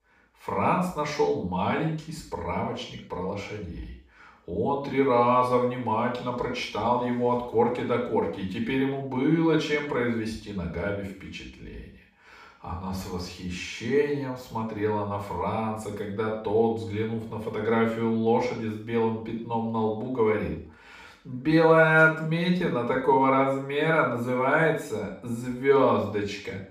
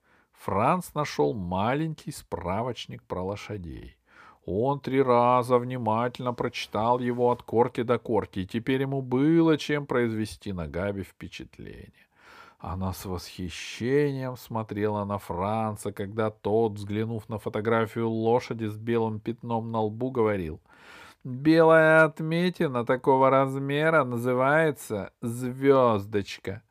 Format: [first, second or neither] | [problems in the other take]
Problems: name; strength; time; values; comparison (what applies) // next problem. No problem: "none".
second | room echo; noticeable; dies away in 0.5 s // off-mic speech; far